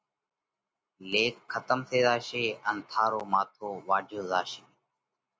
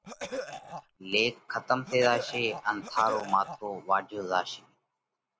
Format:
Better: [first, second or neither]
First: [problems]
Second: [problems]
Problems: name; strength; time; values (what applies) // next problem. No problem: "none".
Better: first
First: none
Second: background sound (Cough); 9 dB below the speech